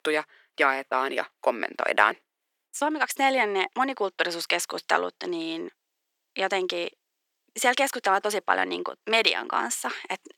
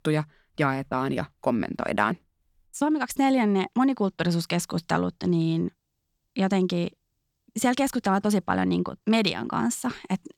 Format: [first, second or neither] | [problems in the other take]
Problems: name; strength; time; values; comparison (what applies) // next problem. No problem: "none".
second | thin; very; fading below 400 Hz